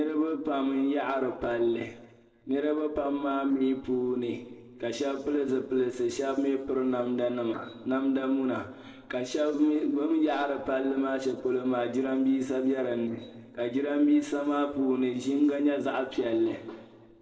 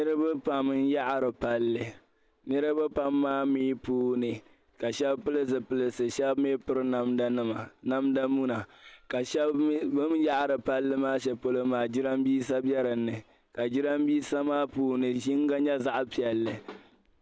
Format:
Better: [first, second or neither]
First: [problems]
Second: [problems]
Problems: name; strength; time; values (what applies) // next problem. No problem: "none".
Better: second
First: noise reduction (neural separator model SepFormer DNS4)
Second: none